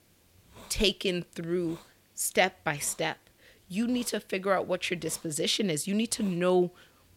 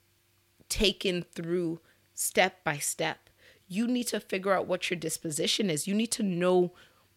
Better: second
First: hiss; faint; throughout; 25 dB below the speech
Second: none

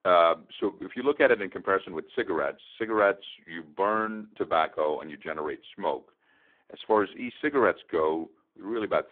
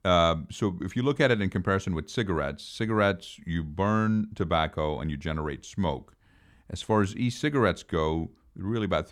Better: second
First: phone-call audio; poor line; nothing above 3.5 kHz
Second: none

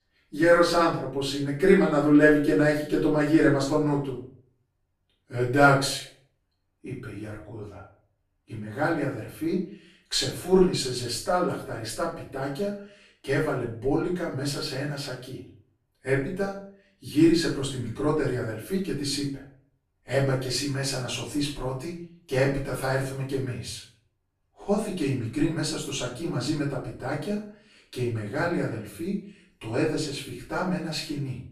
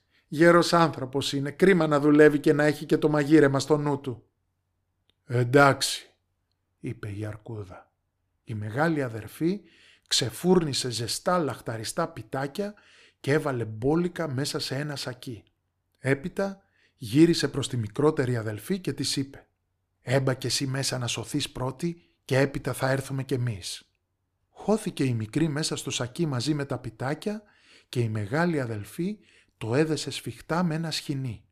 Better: second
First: room echo; noticeable; dies away in 0.4 s // off-mic speech; far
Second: none

